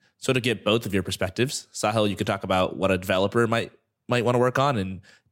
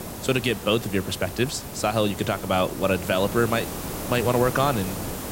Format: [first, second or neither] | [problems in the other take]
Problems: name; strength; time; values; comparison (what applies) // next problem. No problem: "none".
first | hiss; loud; throughout; 9 dB below the speech